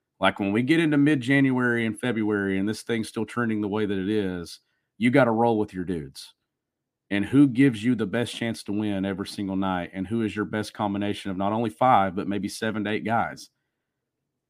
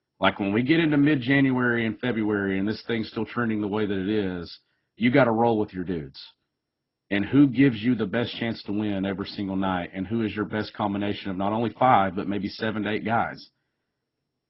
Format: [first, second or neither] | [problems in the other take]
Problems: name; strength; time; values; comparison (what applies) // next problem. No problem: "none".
first | garbled, watery; badly; nothing above 5.5 kHz